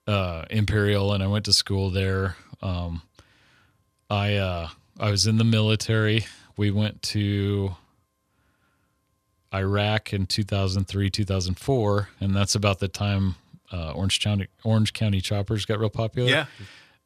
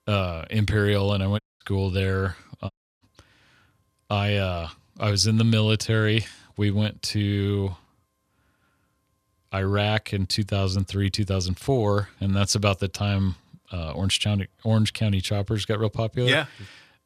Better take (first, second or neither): first